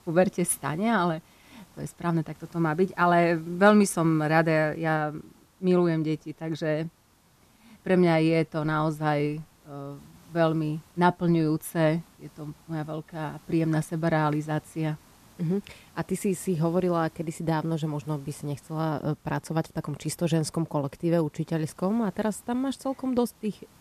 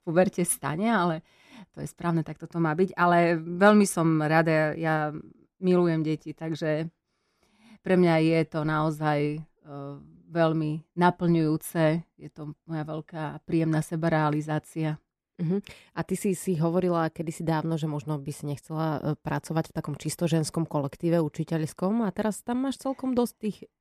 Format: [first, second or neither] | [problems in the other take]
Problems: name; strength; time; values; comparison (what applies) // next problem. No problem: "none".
second | hiss; faint; throughout; 30 dB below the speech